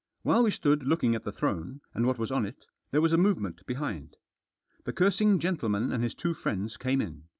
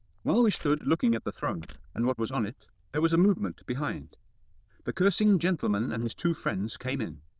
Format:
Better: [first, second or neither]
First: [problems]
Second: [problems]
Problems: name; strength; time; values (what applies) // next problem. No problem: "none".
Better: first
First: none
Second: noise reduction (neural diffusion model UNIVERSE++)